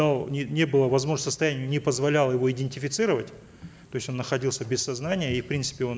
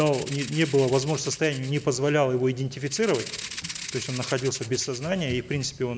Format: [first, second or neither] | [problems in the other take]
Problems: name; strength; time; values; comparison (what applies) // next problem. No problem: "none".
first | background sound (Rattle (instrument)); 14 dB below the speech